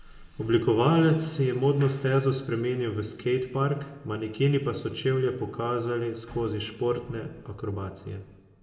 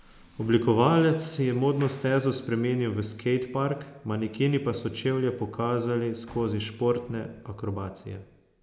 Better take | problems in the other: second | room echo; dies away in 1.2 s

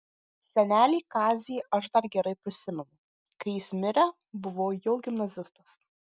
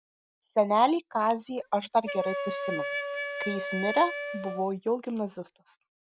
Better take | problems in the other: first | background sound (Wind instrument, woodwind instrument); 6 dB below the speech

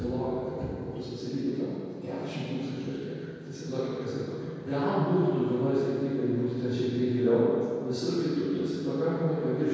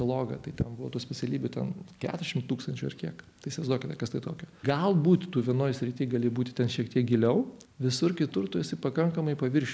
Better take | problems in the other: second | room echo; dies away in 2.2 s

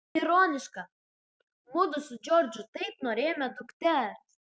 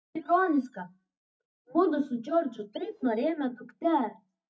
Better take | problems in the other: first | noise reduction (neural mask model DeepFilterNet 3)

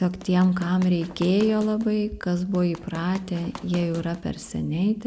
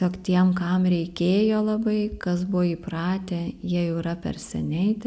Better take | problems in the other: second | background sound (Run); 18 dB below the speech

